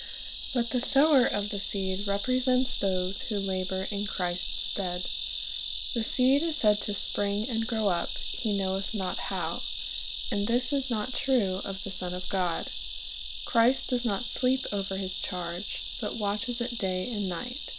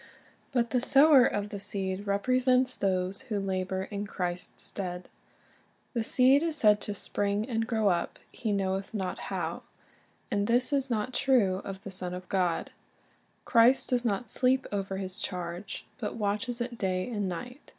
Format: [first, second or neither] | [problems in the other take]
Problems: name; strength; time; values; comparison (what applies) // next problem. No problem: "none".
second | background sound (Insect); 4 dB below the speech